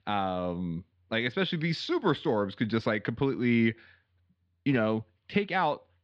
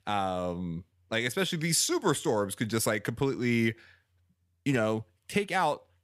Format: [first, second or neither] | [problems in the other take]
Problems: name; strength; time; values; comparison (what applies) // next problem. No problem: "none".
second | muffled; slightly; fading above 4 kHz